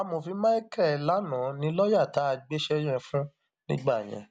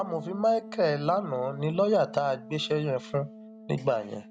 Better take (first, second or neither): first